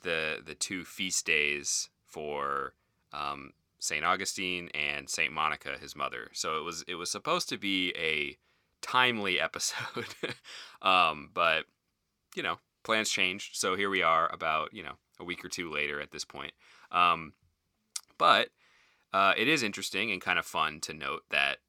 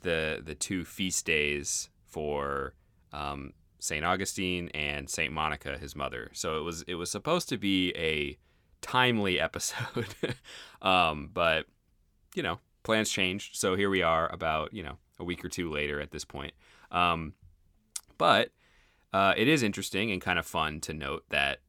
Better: second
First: thin; very slightly; fading below 500 Hz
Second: none

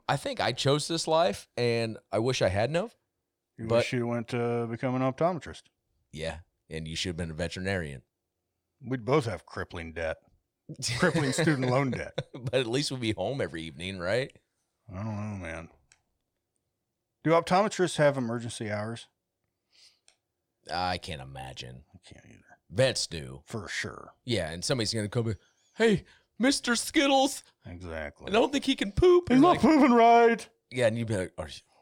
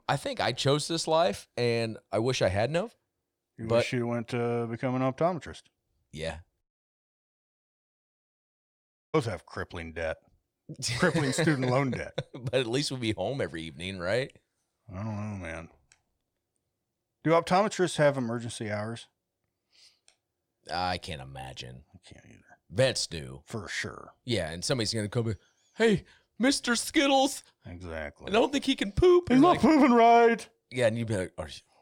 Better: first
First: none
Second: audio cutting out; at 6.5 s for 2.5 s

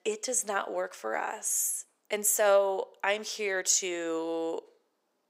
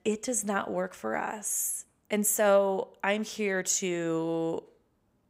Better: second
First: thin; somewhat; fading below 350 Hz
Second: none

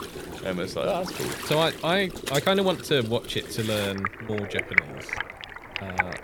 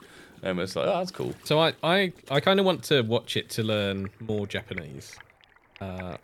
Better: second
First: rain or running water; loud; throughout; 5 dB below the speech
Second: rain or running water; faint; throughout; 25 dB below the speech

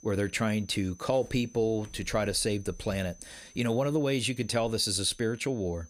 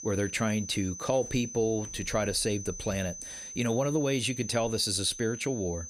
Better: first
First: high-pitched whine; faint; throughout; 6 kHz, 25 dB below the speech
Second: high-pitched whine; loud; throughout; 6 kHz, 10 dB below the speech

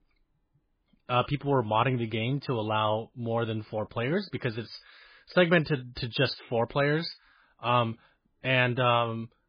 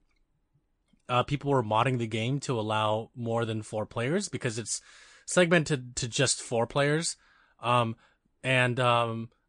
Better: second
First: garbled, watery; badly; nothing above 4.5 kHz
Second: garbled, watery; slightly; nothing above 9 kHz

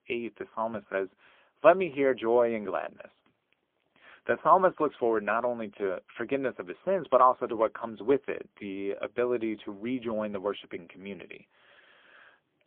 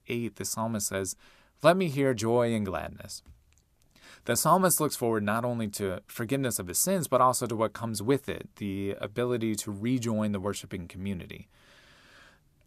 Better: second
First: phone-call audio; poor line; nothing above 3.5 kHz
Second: none

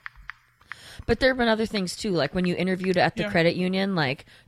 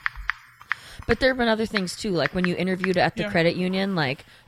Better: first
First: household noises; faint; throughout; 20 dB below the speech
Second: household noises; loud; throughout; 8 dB below the speech

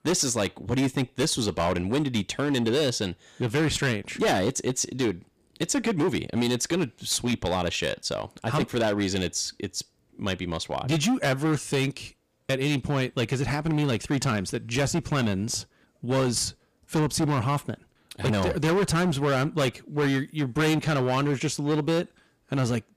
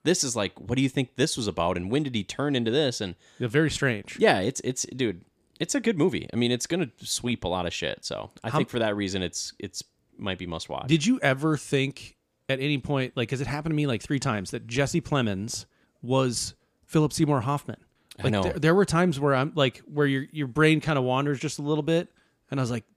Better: second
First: distortion; heavy; 13% of the sound clipped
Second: none

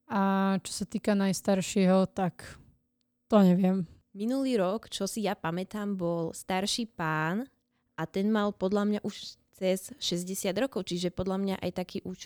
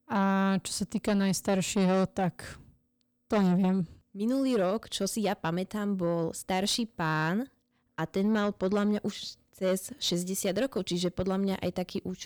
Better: first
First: none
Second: distortion; slight; 10 dB below the speech

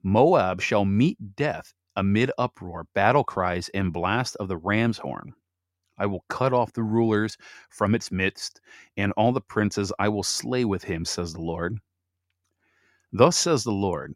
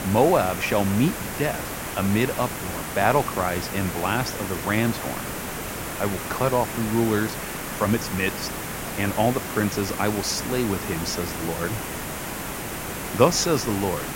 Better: first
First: none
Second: hiss; loud; throughout; 6 dB below the speech

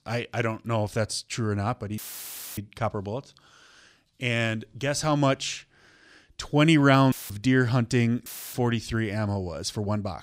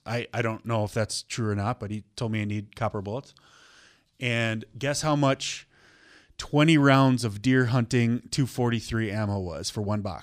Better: second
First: audio cutting out; filled with static; at 2 s for 0.5 s, at 7 s and at 8.5 s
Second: none

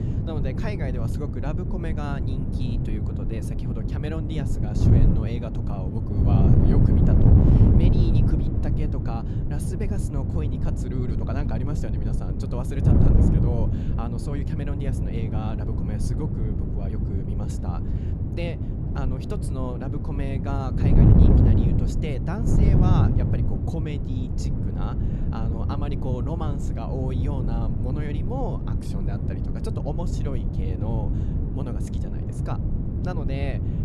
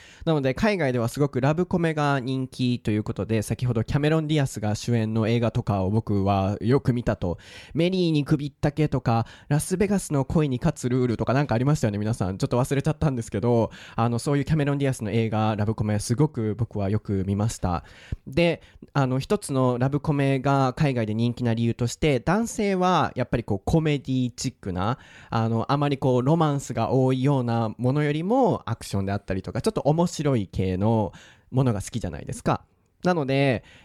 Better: second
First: wind noise on the microphone; heavy; 3 dB above the speech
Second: none

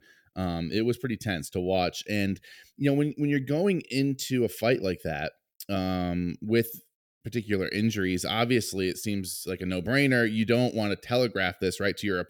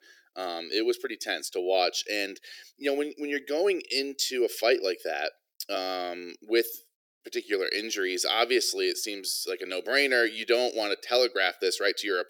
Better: first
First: none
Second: thin; very; fading below 350 Hz

